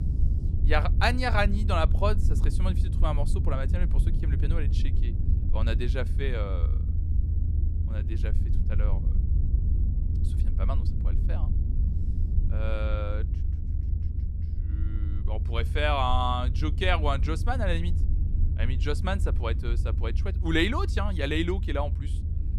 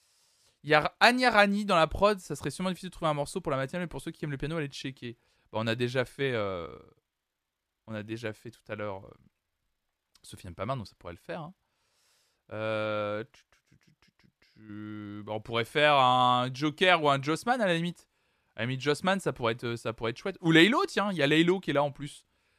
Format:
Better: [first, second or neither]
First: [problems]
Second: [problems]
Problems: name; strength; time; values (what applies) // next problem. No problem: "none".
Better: second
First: low rumble; noticeable; throughout; 15 dB below the speech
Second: none